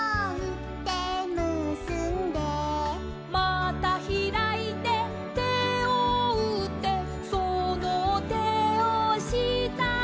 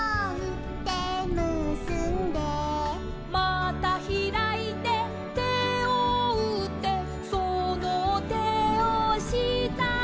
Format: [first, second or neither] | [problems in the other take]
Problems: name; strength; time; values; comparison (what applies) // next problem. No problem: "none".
first | background sound (Thunder / Rain); 11 dB below the speech